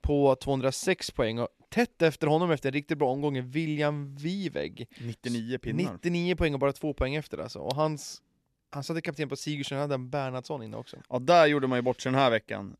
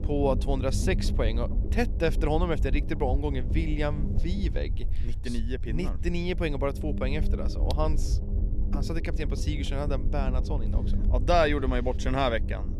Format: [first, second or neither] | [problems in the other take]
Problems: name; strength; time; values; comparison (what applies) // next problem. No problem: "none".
first | low rumble; noticeable; throughout; 15 dB below the speech